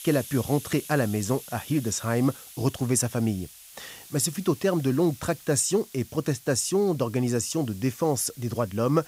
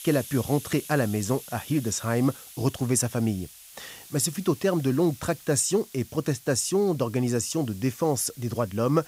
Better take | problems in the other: neither | hiss; noticeable; throughout; 15 dB below the speech; the same in both

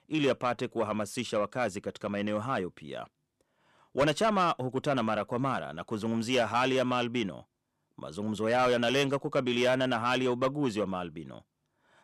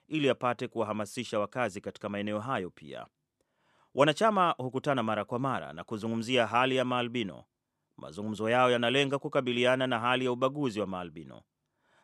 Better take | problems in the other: second | distortion; slight; 10 dB below the speech

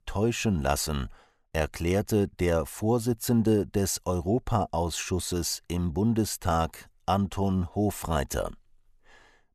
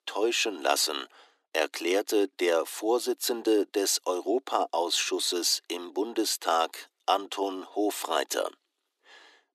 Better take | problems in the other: first | thin; very; fading below 300 Hz

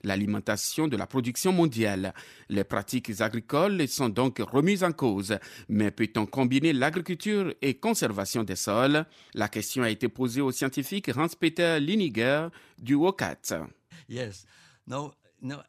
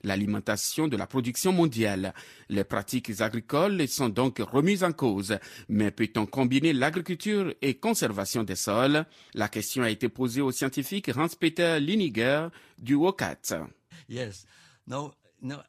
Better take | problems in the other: first | garbled, watery; slightly; nothing above 14.5 kHz

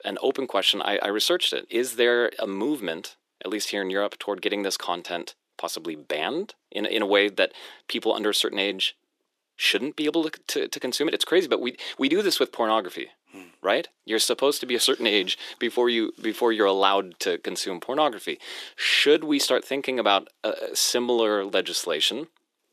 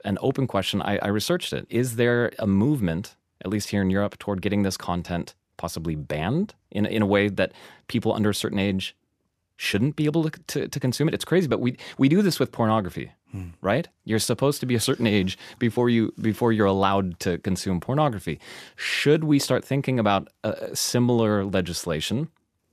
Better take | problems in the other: second | thin; somewhat; fading below 350 Hz

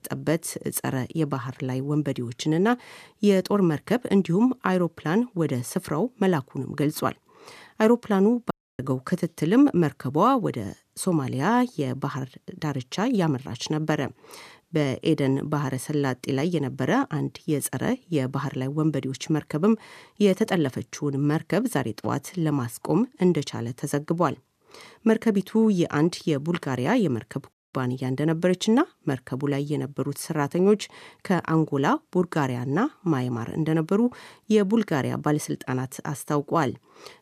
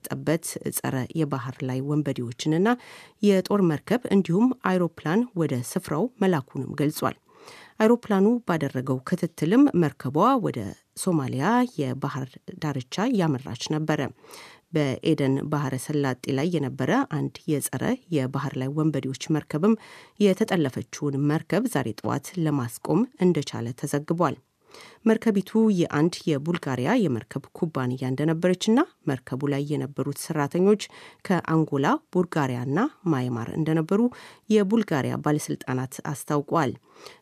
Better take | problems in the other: second | audio cutting out; at 8.5 s and at 28 s

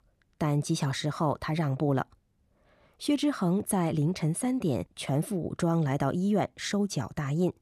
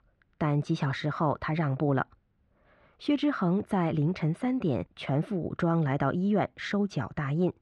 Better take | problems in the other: first | muffled; slightly; fading above 2.5 kHz

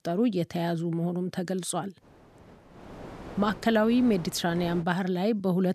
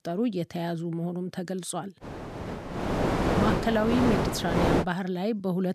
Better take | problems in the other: first | wind noise on the microphone; heavy; from 2 to 5 s; 2 dB above the speech; occasional gusts in the first

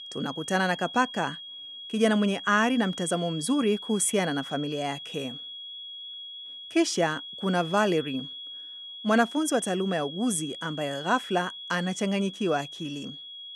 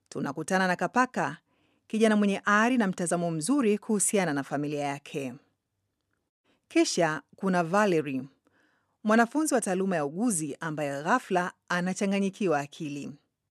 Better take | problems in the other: second | high-pitched whine; noticeable; throughout; 3.5 kHz, 10 dB below the speech

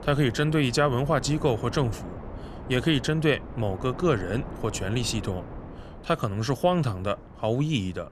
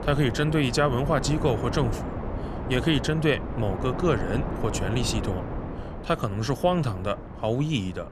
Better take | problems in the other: first | wind noise on the microphone; heavy; 8 dB below the speech; occasional gusts in the first

